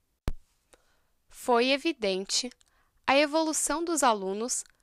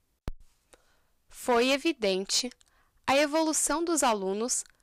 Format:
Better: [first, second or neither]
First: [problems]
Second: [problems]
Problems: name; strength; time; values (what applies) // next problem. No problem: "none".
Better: first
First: none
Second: distortion; slight; 6% of the sound clipped